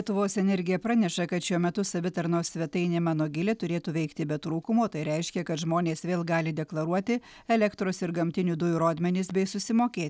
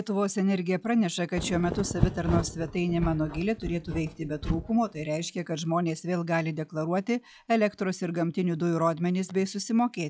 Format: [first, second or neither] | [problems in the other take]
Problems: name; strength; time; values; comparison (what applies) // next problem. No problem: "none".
first | noise reduction (classical method log-MMSE)